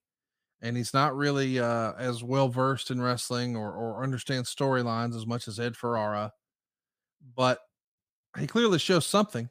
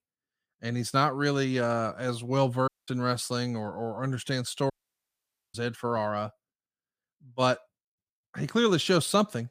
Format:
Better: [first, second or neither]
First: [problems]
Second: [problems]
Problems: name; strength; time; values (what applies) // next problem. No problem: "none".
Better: first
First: none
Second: audio cutting out; at 2.5 s and at 4.5 s for 1 s